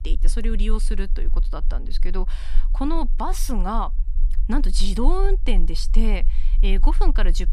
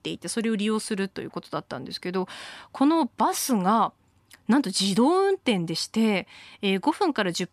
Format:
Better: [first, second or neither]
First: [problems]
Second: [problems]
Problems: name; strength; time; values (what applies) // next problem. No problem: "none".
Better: second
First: low rumble; faint; throughout; 20 dB below the speech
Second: none